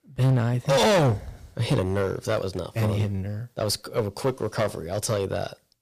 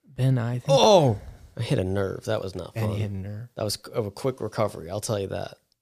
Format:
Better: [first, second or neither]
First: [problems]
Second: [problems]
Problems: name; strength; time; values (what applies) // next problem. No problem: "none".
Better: second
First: distortion; heavy; 9% of the sound clipped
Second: none